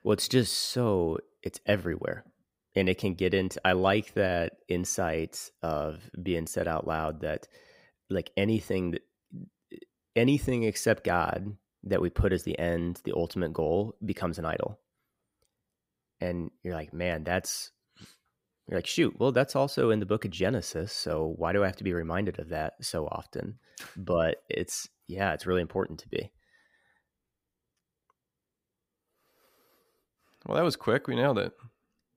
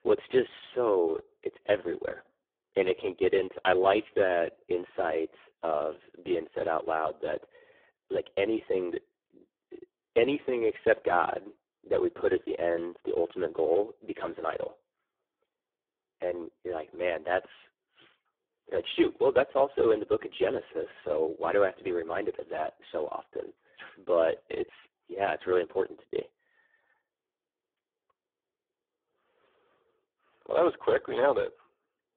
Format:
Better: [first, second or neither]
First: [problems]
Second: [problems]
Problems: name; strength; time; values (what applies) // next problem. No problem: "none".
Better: first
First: none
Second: phone-call audio; poor line